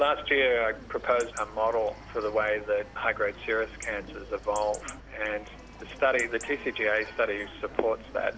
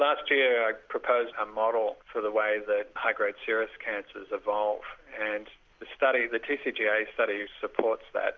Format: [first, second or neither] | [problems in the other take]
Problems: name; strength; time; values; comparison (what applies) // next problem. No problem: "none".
second | background sound (Chatter / Chirp, tweet / Livestock, farm animals, working animals + Mechanical fan); 16 dB below the speech